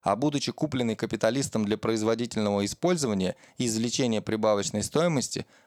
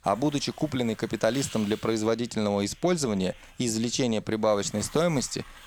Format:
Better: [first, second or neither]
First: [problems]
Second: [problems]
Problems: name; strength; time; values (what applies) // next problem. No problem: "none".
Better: first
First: none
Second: hiss; faint; throughout; 20 dB below the speech